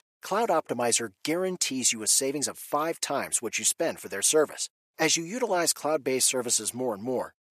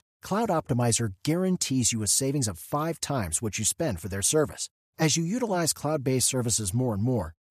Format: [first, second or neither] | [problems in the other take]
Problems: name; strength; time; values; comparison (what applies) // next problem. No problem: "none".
second | thin; somewhat; fading below 400 Hz